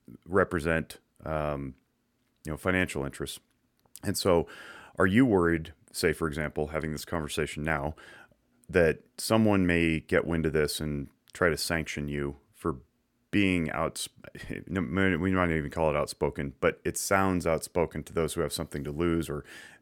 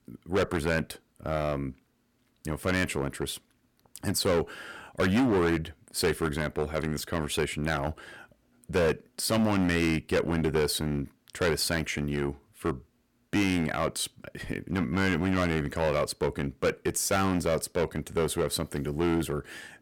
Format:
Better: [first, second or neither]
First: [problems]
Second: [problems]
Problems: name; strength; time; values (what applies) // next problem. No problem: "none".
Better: first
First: none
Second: distortion; heavy; 8% of the sound clipped